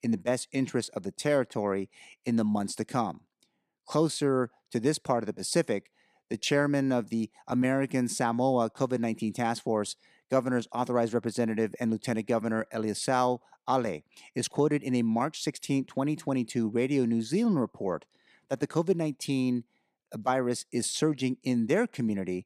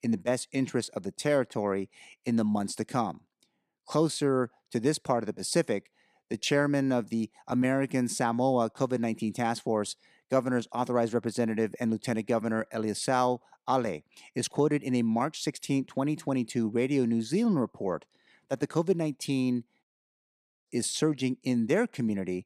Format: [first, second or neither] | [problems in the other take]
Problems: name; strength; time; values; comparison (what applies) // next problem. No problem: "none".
first | audio cutting out; at 20 s for 1 s